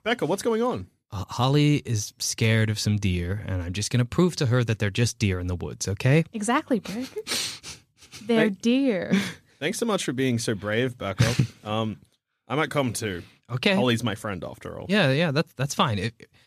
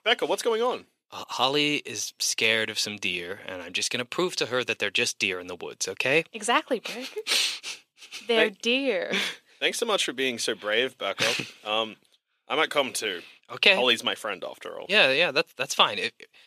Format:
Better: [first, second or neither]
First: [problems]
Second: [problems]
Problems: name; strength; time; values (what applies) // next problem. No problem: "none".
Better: first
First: none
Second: thin; somewhat; fading below 500 Hz